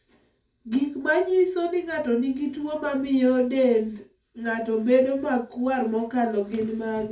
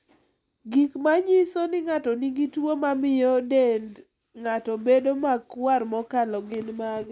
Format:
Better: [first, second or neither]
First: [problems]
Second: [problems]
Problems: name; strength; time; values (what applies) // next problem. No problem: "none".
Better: second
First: room echo; dies away in 0.2 s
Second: none